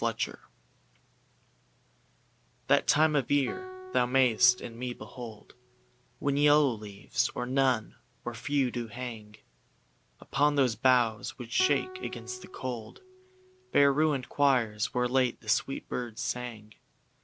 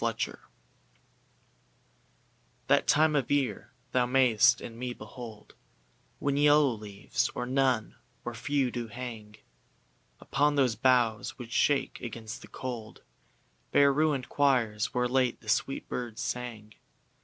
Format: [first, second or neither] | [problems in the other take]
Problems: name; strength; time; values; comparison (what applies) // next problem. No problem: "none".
second | background sound (Guitar); 16 dB below the speech